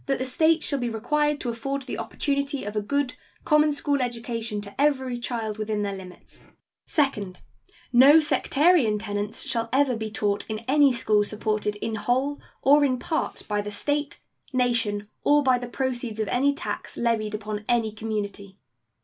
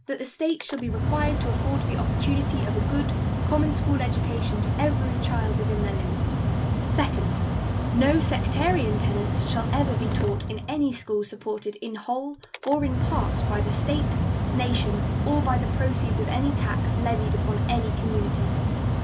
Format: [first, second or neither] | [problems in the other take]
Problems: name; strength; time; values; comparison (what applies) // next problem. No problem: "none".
first | background sound (Mechanical fan); 5 dB above the speech